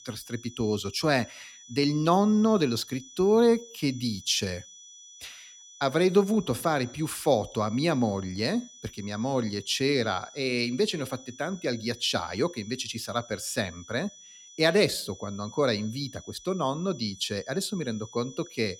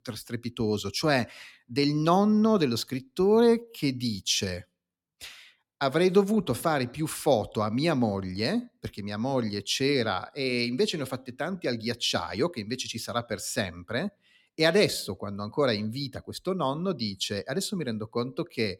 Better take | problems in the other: second | high-pitched whine; noticeable; throughout; 6 kHz, 20 dB below the speech

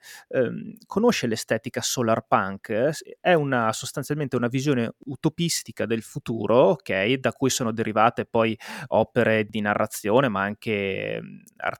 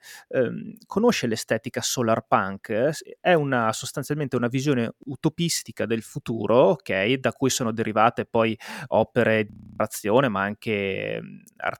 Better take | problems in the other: first | audio freezing; at 9.5 s

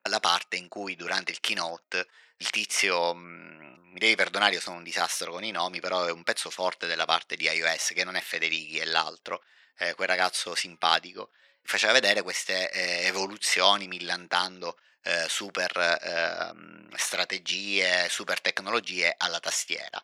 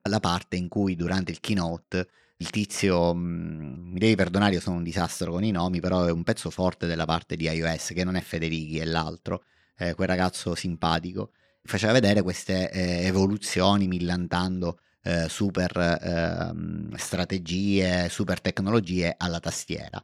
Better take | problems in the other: second | thin; very; fading below 750 Hz

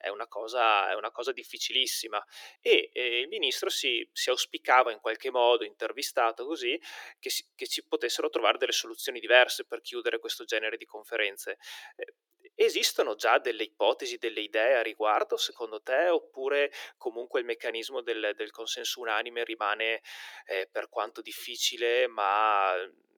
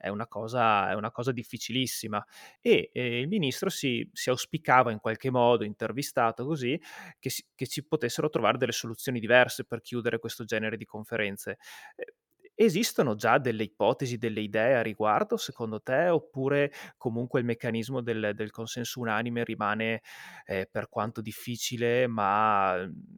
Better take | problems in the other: second | thin; very; fading below 350 Hz

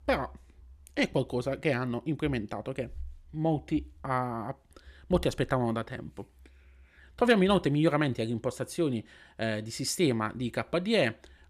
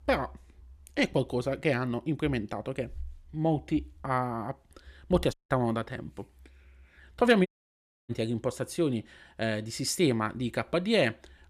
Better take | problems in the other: first | audio cutting out; at 5.5 s and at 7.5 s for 0.5 s

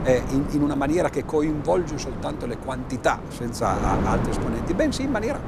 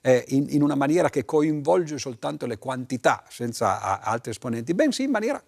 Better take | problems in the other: second | wind noise on the microphone; heavy; 8 dB below the speech

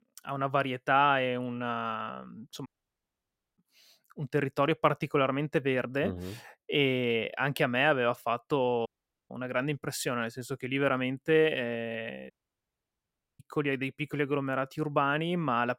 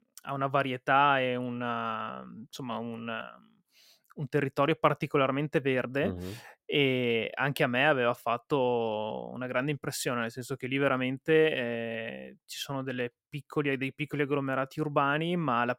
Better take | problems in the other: second | audio cutting out; at 2.5 s for 1 s, at 9 s and at 12 s for 1 s

